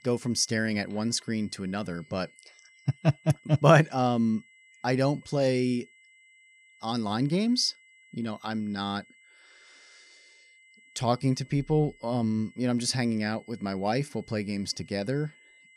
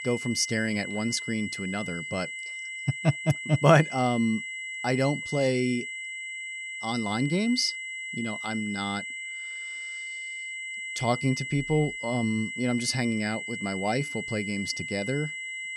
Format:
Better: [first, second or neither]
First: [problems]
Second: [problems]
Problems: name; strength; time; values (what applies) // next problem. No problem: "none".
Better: first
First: high-pitched whine; faint; throughout; 2 kHz, 30 dB below the speech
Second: high-pitched whine; loud; throughout; 2 kHz, 6 dB below the speech